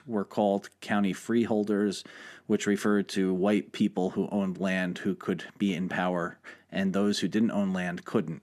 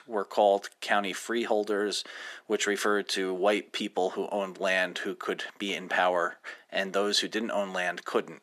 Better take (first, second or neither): first